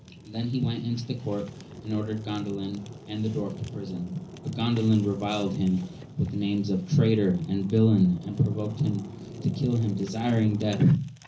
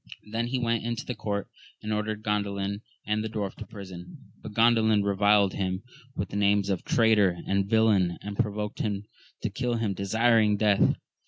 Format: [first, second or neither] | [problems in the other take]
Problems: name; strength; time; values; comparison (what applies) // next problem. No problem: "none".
second | background sound (Fire); 16 dB below the speech // room echo; dies away in 0.5 s